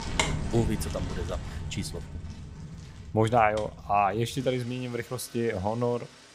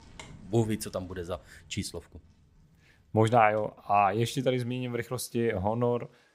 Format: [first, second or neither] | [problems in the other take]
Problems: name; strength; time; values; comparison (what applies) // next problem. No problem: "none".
second | traffic noise; loud; throughout; 7 dB below the speech; faint in the second